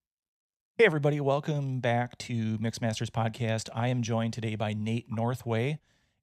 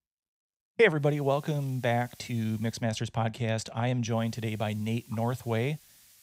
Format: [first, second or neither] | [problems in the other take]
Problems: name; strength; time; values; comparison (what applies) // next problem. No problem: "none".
first | hiss; very faint; from 1 to 3 s and from 4 s on; 25 dB below the speech